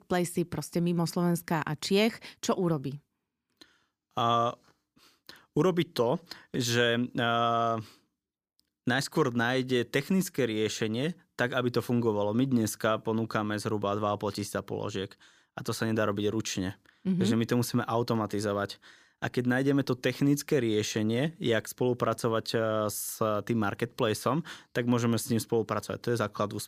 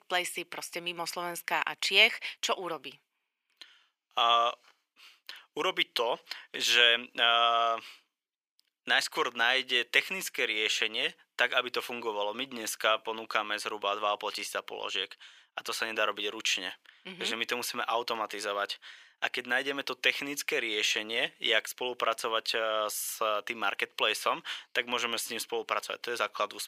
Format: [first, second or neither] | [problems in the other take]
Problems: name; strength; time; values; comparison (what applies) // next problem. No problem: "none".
first | thin; very; fading below 700 Hz